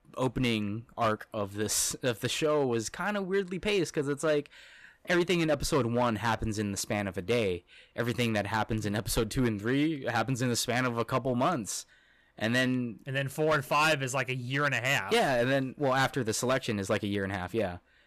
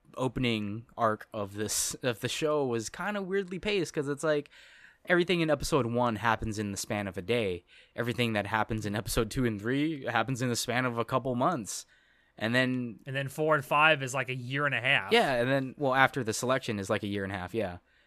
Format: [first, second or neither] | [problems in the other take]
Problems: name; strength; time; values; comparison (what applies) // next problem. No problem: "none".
second | distortion; slight; 5% of the sound clipped